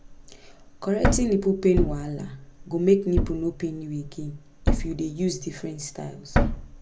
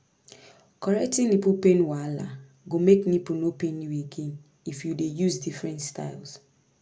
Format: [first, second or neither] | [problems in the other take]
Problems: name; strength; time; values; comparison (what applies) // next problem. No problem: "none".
second | background sound (Thump, thud); 1 dB below the speech